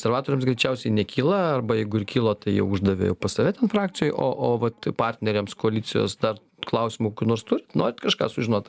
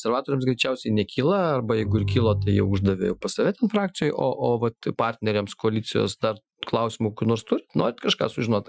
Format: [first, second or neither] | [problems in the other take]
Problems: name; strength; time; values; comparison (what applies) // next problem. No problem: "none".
first | noise reduction (classical method Wiener filter)